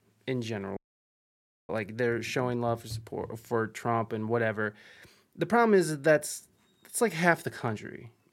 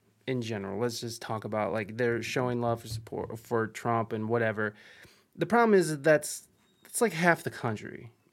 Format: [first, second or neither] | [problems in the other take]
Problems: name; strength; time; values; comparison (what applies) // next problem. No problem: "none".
second | audio cutting out; at 1 s for 1 s